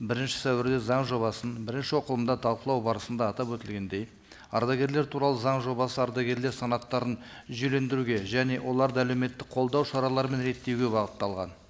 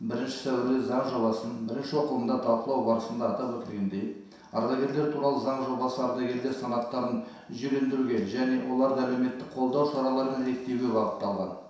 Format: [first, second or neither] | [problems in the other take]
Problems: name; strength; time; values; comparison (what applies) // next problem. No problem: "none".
first | room echo; dies away in 0.7 s